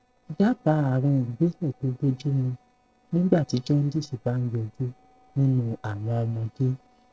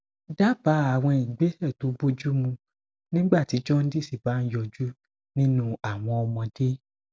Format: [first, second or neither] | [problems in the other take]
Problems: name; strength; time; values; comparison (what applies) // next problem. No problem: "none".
second | noise reduction (neural separator model SepFormer DNS4)